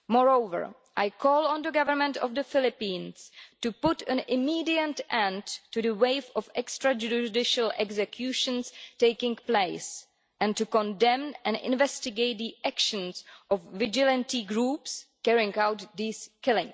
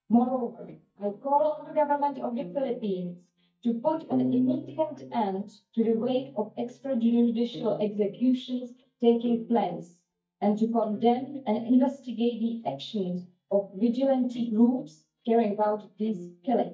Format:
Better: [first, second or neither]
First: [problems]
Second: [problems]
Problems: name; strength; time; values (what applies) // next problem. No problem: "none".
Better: first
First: none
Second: noise reduction (neural mask model DeepFilterNet 3)